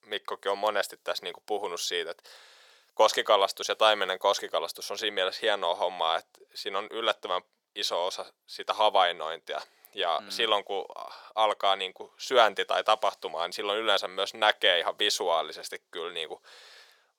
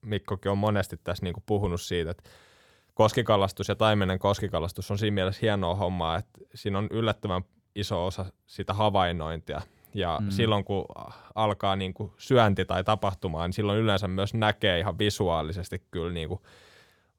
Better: second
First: thin; very; fading below 500 Hz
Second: none

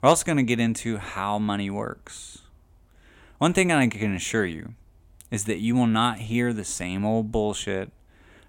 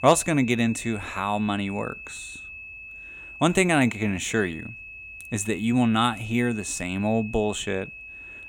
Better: first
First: none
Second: high-pitched whine; noticeable; throughout; 2.5 kHz, 15 dB below the speech

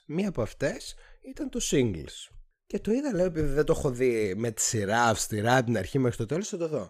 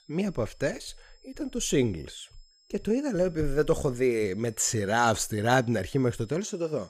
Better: first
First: none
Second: high-pitched whine; faint; throughout; 5 kHz, 30 dB below the speech

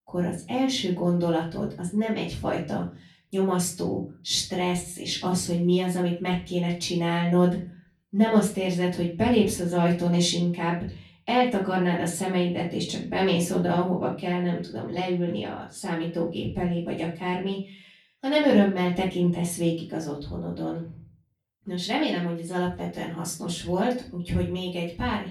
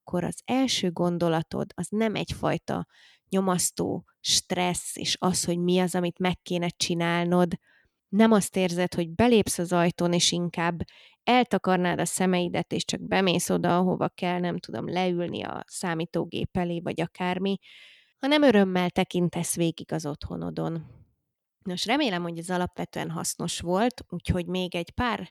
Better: second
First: off-mic speech; far // room echo; slight; dies away in 0.3 s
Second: none

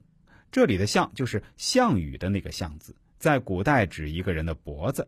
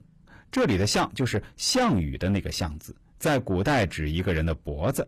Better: first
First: none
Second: distortion; heavy; 7 dB below the speech

